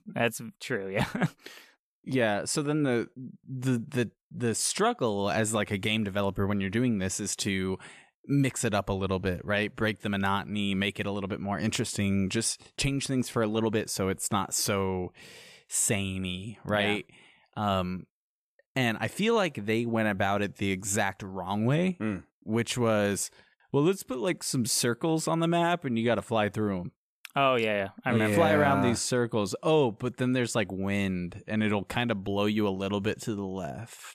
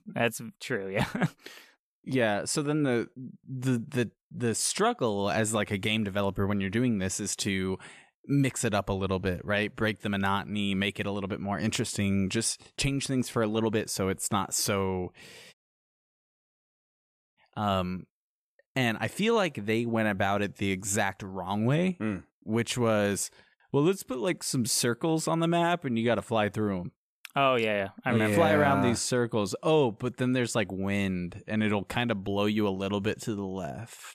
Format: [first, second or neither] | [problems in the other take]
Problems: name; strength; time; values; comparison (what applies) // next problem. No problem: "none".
first | audio cutting out; at 16 s for 2 s